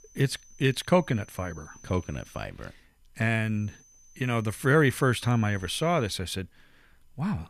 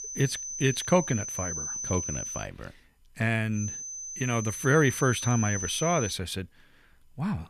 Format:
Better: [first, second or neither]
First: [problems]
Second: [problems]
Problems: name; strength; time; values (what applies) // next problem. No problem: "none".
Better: first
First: high-pitched whine; faint; until 2.5 s and from 3.5 to 6 s; 6 kHz, 25 dB below the speech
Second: high-pitched whine; loud; until 2.5 s and from 3.5 to 6 s; 6 kHz, 5 dB below the speech